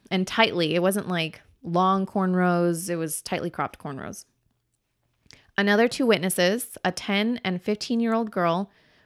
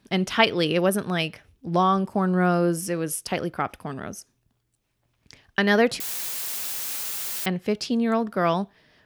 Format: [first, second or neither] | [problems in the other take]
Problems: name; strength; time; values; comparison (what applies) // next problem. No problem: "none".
first | audio cutting out; filled with static; at 6 s for 1.5 s